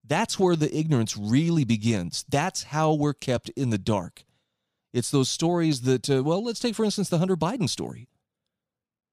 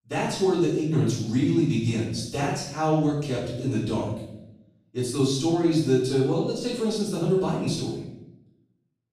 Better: first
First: none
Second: room echo; noticeable; dies away in 0.7 s // off-mic speech; far

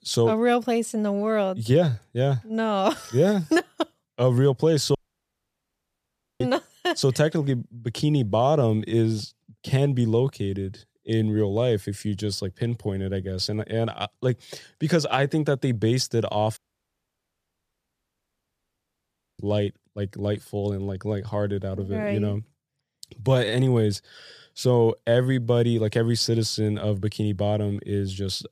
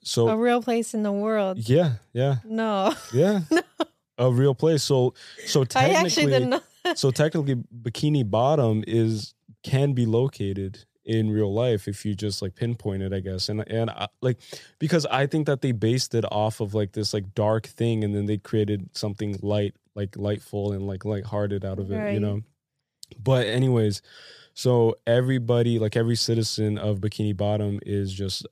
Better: second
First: audio cutting out; at 5 s for 1.5 s and at 17 s for 3 s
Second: none

